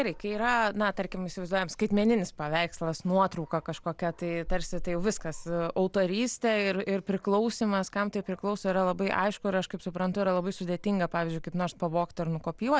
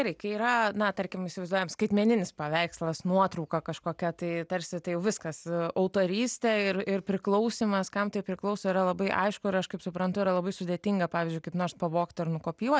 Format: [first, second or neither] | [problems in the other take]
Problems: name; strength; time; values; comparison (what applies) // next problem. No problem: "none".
second | background sound (Dog); 13 dB below the speech